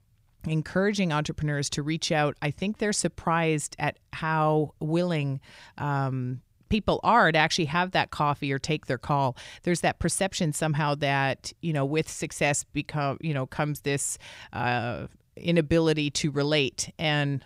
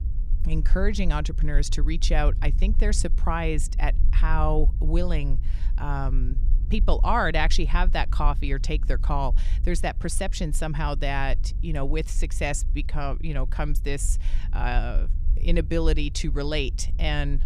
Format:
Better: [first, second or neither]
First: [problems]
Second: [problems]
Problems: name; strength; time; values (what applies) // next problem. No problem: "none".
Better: first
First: none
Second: low rumble; faint; throughout; 20 dB below the speech